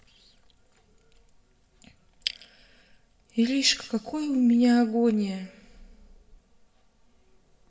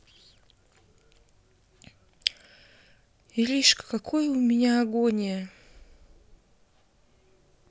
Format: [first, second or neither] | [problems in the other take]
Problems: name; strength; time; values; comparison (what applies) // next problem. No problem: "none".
second | room echo; dies away in 1.2 s